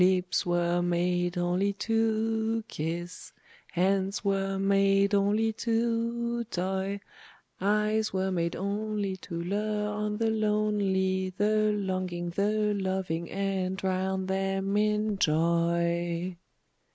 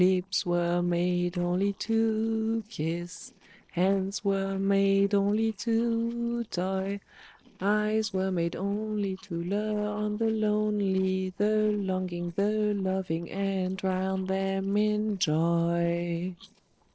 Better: first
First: none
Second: noise reduction (neural separator model SepFormer DNS4)

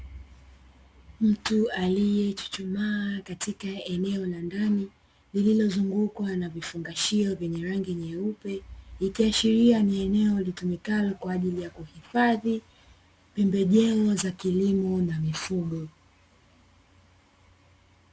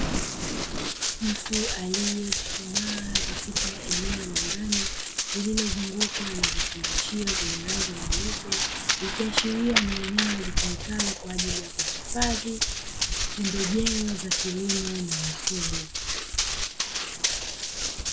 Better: first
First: none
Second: background sound (Run); 4 dB above the speech

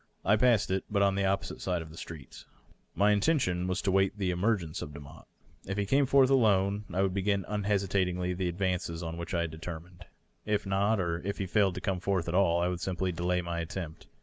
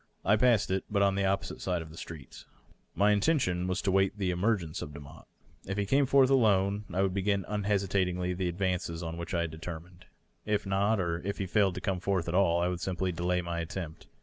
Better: second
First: background sound (Whoosh, swoosh, swish); 17 dB below the speech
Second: none

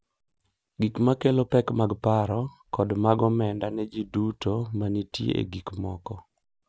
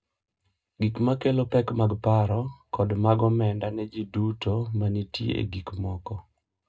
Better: first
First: none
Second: room echo; dies away in 0.2 s

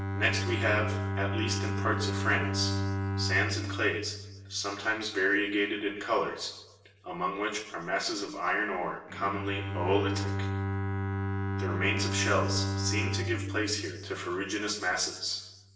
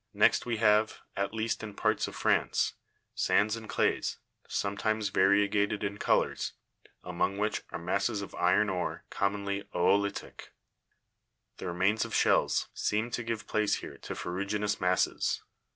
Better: second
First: background sound (Bowed string instrument); 2 dB below the speech // room echo; dies away in 0.8 s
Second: none

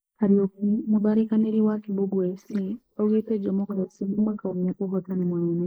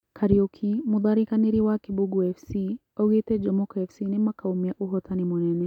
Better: second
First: noise reduction (neural mask model Resemble Enhance denoiser)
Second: none

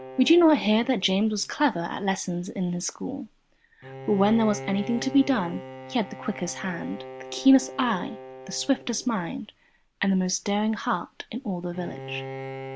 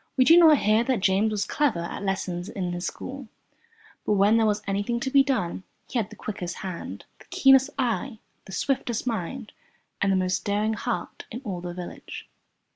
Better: second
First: background sound (Bowed string instrument); 15 dB below the speech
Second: none

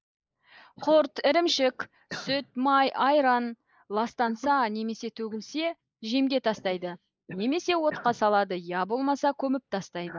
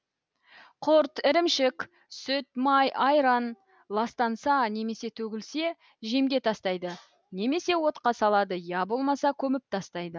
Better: second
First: noise reduction (neural mask model Resemble Enhance denoiser)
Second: none

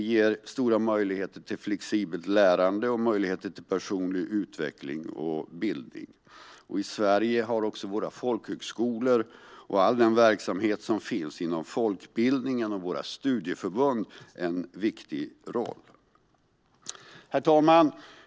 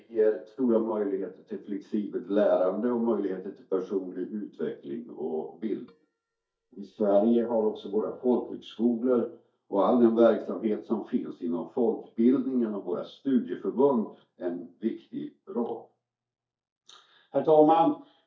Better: first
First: none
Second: noise reduction (neural mask model DeepFilterNet 3)

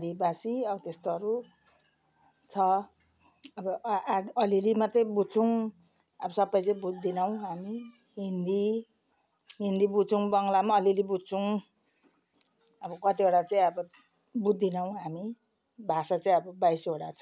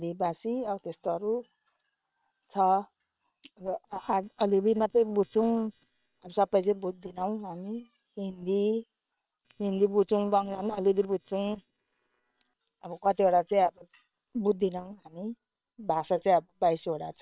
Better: first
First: none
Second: noise reduction (neural separator model SepFormer WHAM!)

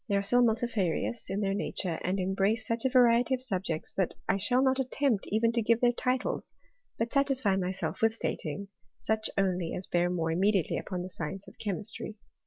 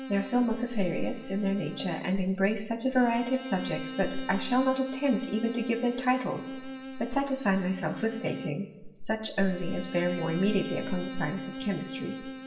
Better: first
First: none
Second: background sound (Bowed string instrument); 11 dB below the speech // room echo; dies away in 1.1 s

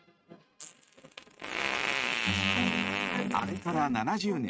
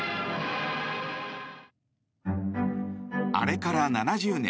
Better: second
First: noise reduction (neural mask model RNNoise)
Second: none

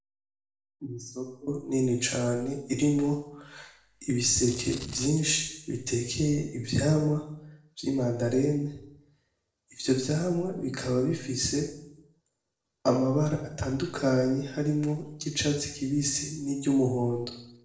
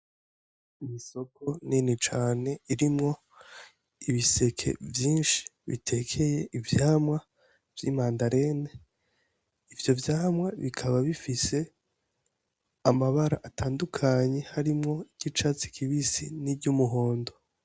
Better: second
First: noise reduction (neural separator model SepFormer DNS4)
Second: none

